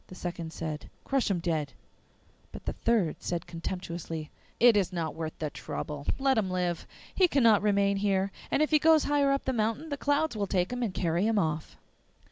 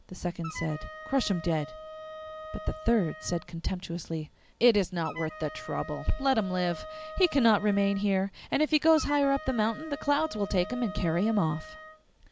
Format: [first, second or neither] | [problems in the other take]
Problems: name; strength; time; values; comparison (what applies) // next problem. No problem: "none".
first | background sound (Wind instrument, woodwind instrument); 14 dB below the speech